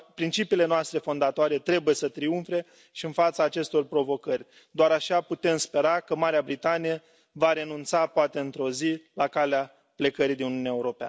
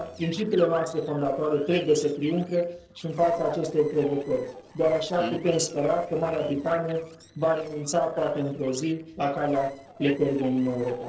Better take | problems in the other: first | noise reduction (neural separator model SepFormer DNS4)

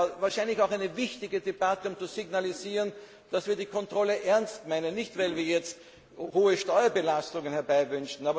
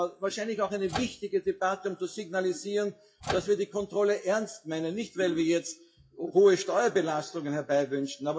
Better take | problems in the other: first | noise reduction (classical method WPE with log-MMSE)

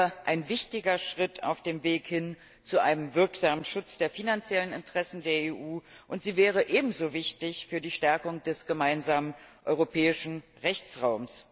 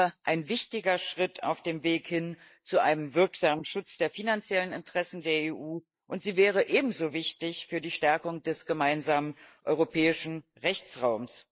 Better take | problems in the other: first | noise reduction (neural mask model Resemble Enhance denoiser)

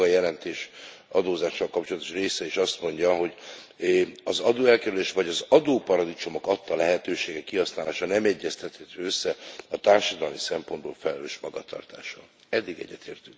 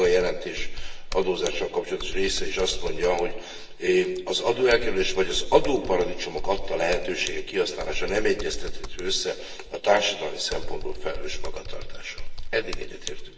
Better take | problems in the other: first | background sound (Computer keyboard); 3 dB below the speech // room echo; dies away in 0.9 s

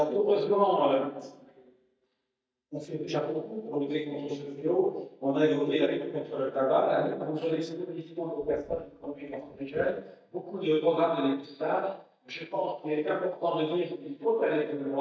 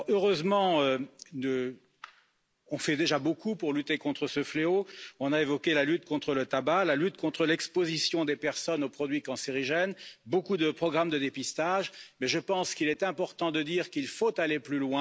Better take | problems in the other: second | noise reduction (neural mask model DeepFilterNet 3)

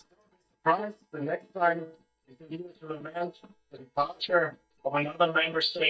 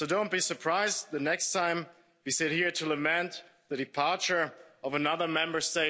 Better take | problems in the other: second | noise reduction (neural mask model DeepFilterNet 3)

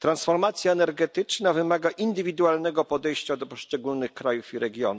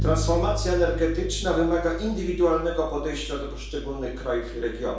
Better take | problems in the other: first | background sound (Bass guitar); 5 dB below the speech // room echo; dies away in 0.6 s

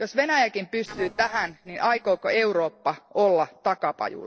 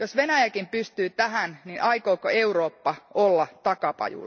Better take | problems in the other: second | noise reduction (neural separator model SepFormer DNS4)

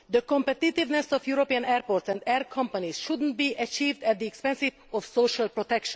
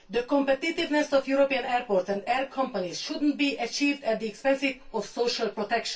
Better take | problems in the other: first | room echo; dies away in 0.2 s

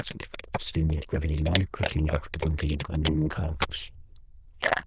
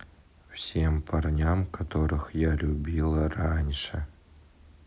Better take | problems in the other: second | noise reduction (neural diffusion model UNIVERSE++)

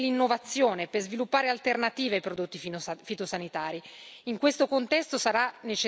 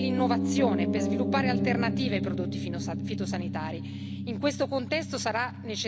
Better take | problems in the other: first | background sound (Piano); 2 dB above the speech

